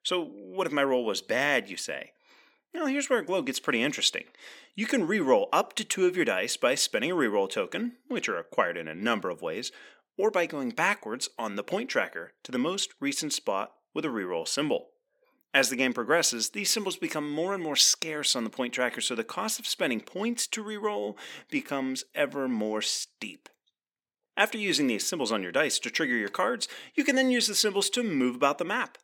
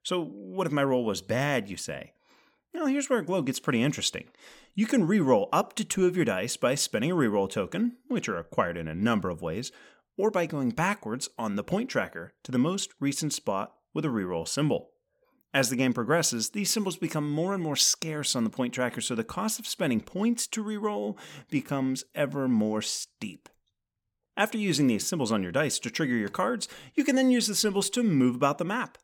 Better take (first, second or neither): second